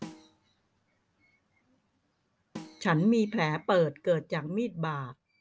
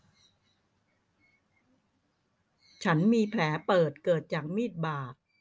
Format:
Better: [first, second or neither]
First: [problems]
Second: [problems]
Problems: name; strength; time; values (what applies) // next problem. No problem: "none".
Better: second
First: background sound (Snare drum); 17 dB below the speech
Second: none